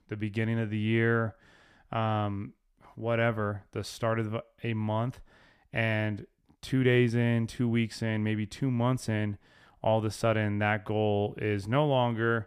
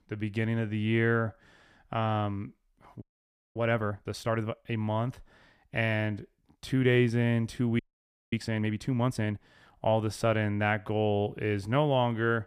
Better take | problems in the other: first | audio freezing; at 3 s for 0.5 s and at 8 s for 0.5 s

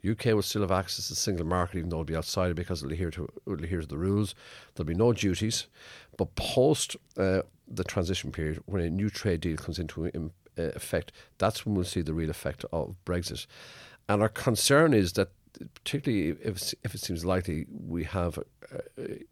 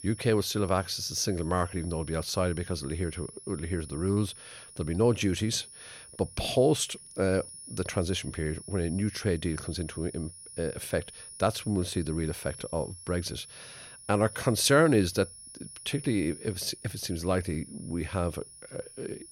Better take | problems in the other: first | high-pitched whine; noticeable; throughout; 10.5 kHz, 15 dB below the speech

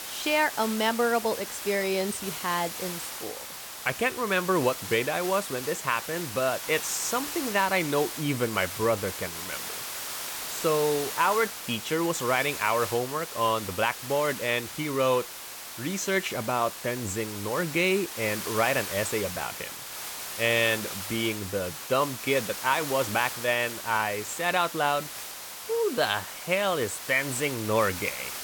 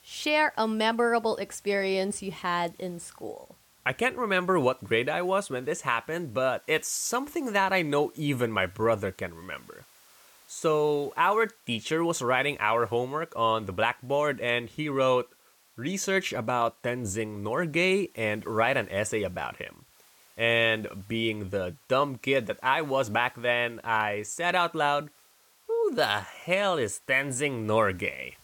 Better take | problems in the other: second | hiss; loud; throughout; 7 dB below the speech; faint in the second

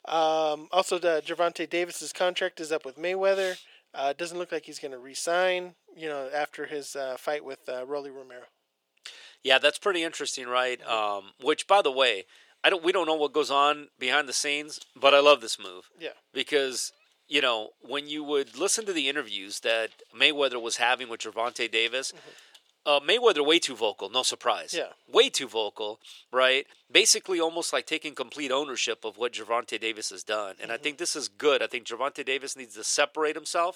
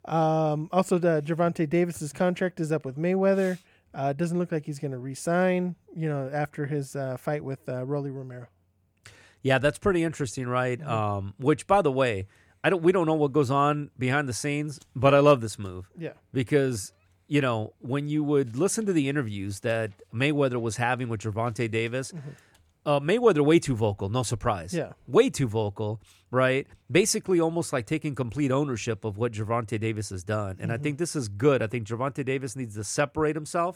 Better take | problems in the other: second | thin; very; fading below 400 Hz

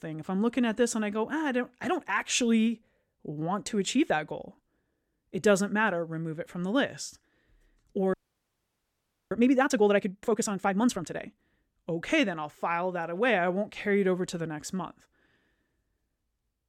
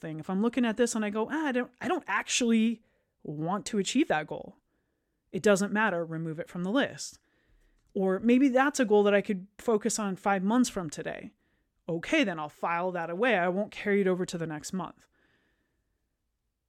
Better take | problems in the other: second | audio freezing; at 8 s for 1 s

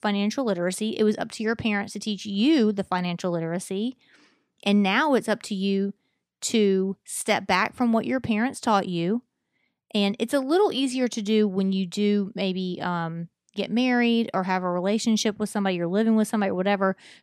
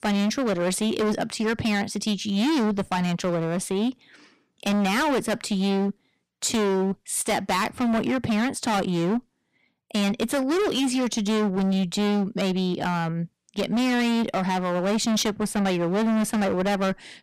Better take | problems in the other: first | distortion; heavy; 26% of the sound clipped

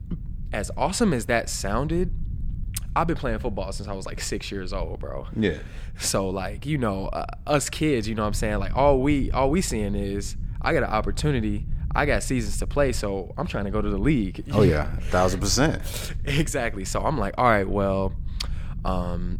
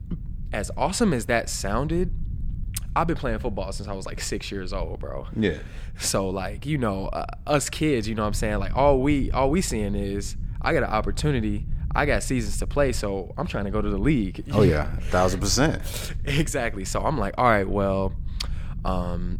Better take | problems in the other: neither | low rumble; faint; throughout; 25 dB below the speech; the same in both

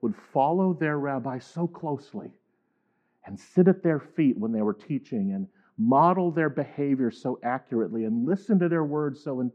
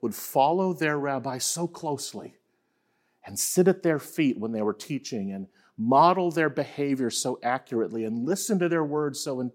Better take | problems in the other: second | muffled; very; fading above 1.5 kHz

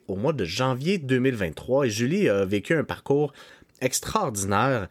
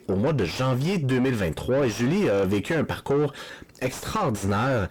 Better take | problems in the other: first | distortion; heavy; 6 dB below the speech

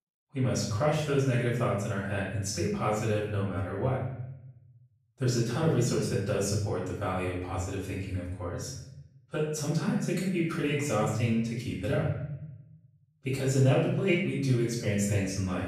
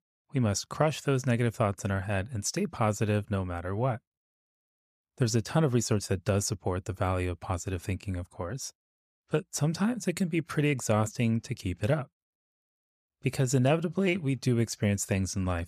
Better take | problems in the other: second | off-mic speech; far // room echo; noticeable; dies away in 0.8 s

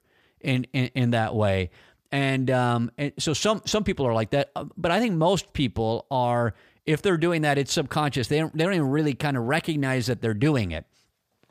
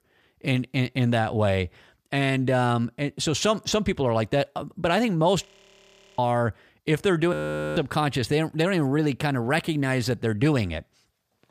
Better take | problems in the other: first | audio freezing; at 5.5 s for 0.5 s and at 7.5 s

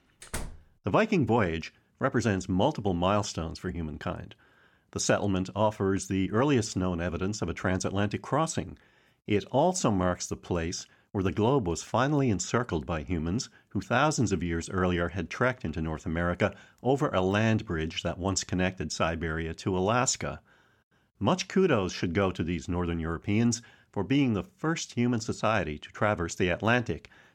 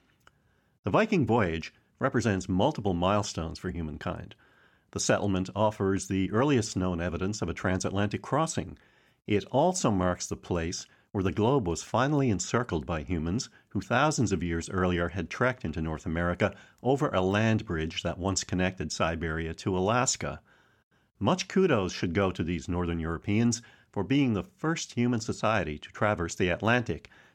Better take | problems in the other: second | door banging; faint; at the start; peak 10 dB below the speech

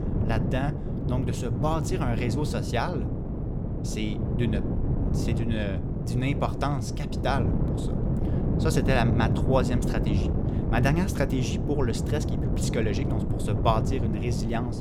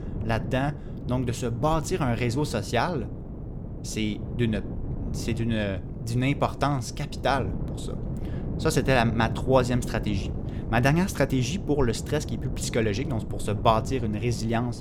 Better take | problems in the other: second | wind noise on the microphone; heavy; 5 dB below the speech; occasional gusts in the second

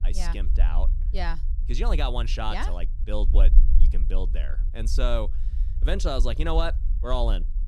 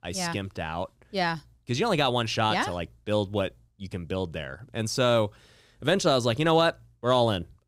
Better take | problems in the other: second | low rumble; noticeable; throughout; 15 dB below the speech

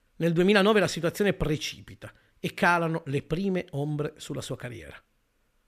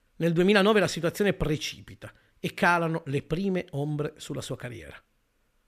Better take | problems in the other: neither | none

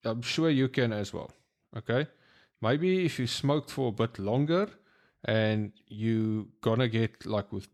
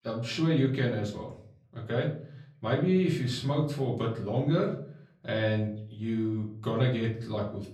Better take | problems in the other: first | off-mic speech; far // room echo; slight; dies away in 0.5 s

